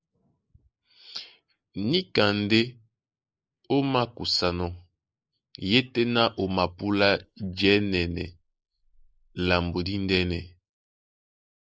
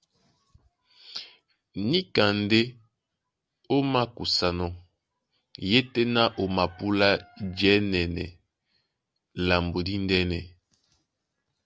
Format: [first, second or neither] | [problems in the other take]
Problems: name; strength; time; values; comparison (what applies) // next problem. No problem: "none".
second | noise reduction (neural mask model Resemble Enhance denoiser)